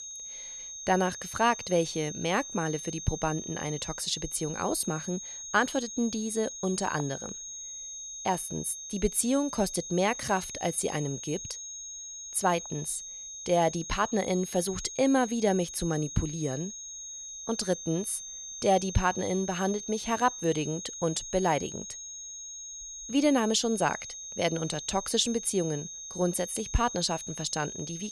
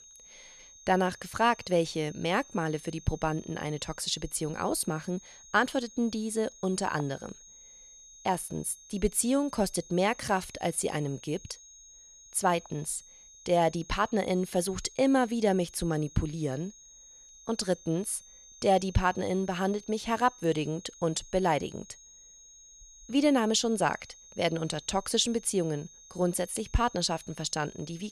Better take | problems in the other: second | high-pitched whine; loud; throughout; 6.5 kHz, 9 dB below the speech; faint in the second

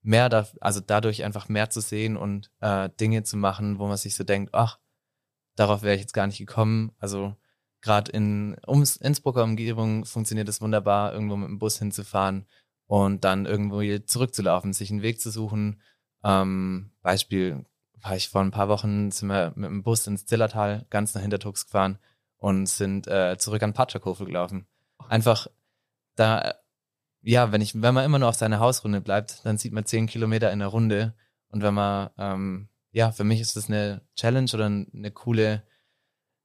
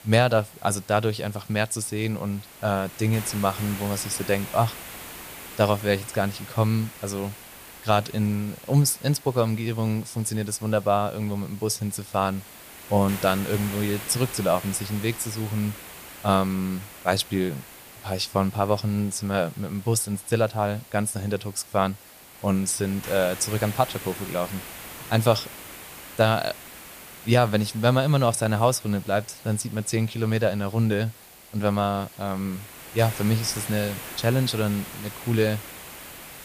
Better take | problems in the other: first | hiss; noticeable; throughout; 15 dB below the speech

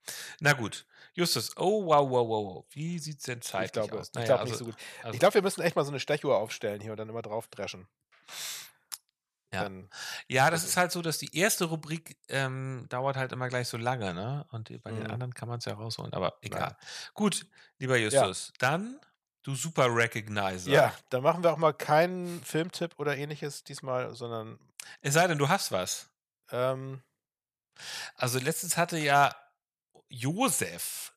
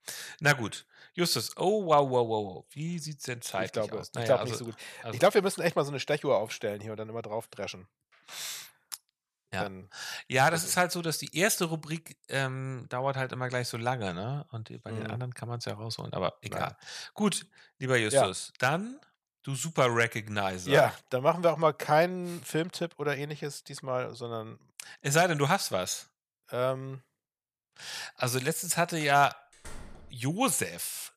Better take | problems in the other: first | door banging; faint; at 30 s; peak 20 dB below the speech

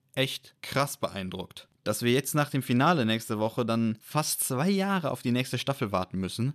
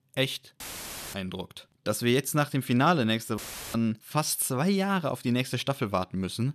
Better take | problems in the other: first | audio cutting out; filled with static; at 0.5 s for 0.5 s and at 3.5 s

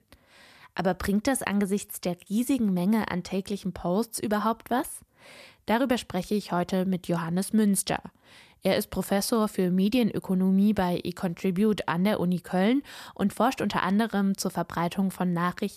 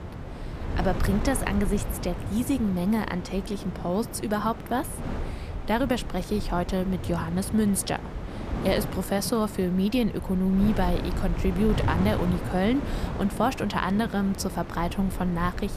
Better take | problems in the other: first | wind noise on the microphone; heavy; 9 dB below the speech

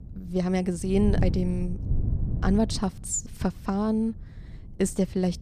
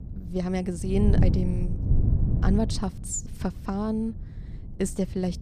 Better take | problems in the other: first | wind noise on the microphone; heavy; 5 dB below the speech; occasional gusts in the first

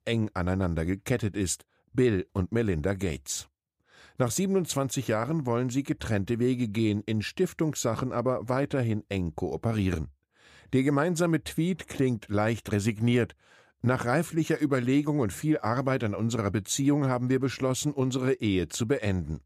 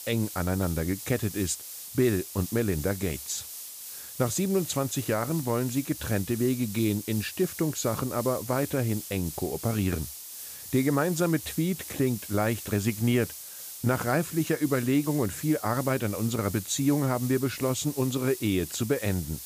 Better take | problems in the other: first | hiss; loud; throughout; 10 dB below the speech

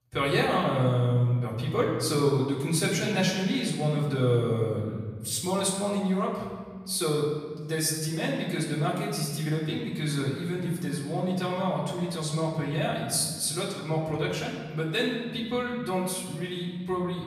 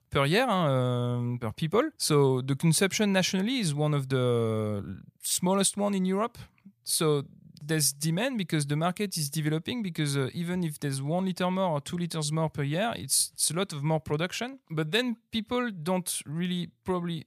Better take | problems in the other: second | off-mic speech; far // room echo; noticeable; dies away in 1.5 s

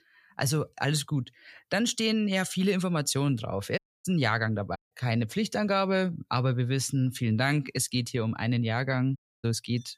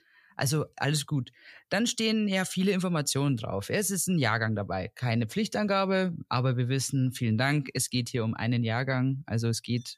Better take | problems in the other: second | audio cutting out; at 4 s, at 5 s and at 9 s

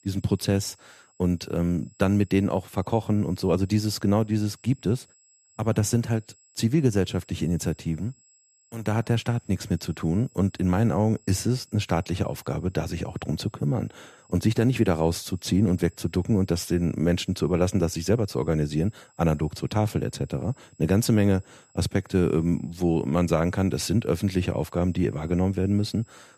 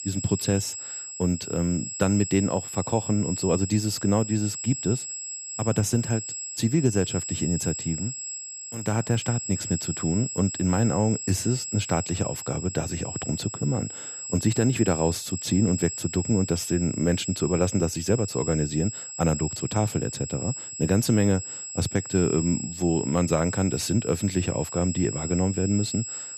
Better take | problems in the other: first | high-pitched whine; loud; throughout; 7.5 kHz, 7 dB below the speech; faint in the first

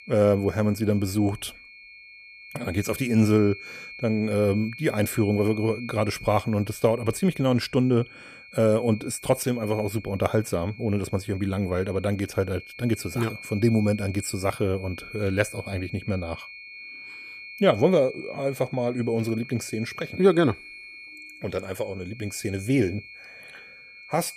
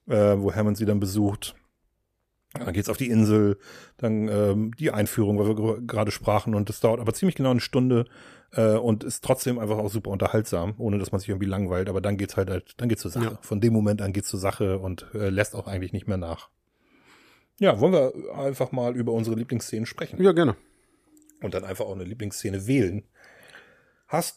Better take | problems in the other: second | high-pitched whine; noticeable; throughout; 2.5 kHz, 15 dB below the speech

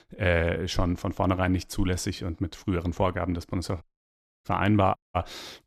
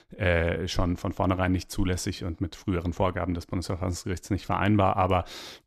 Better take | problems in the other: second | audio cutting out; at 4 s for 0.5 s and at 5 s

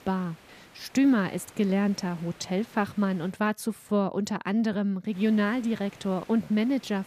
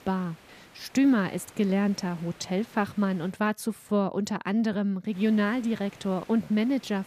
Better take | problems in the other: neither | hiss; faint; until 3.5 s and from 5 s on; 25 dB below the speech; the same in both

